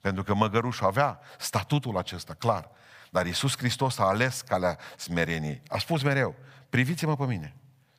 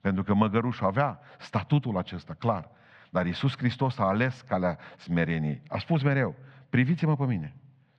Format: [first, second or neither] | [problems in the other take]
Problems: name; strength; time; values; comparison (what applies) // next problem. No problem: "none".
first | muffled; slightly; fading above 3.5 kHz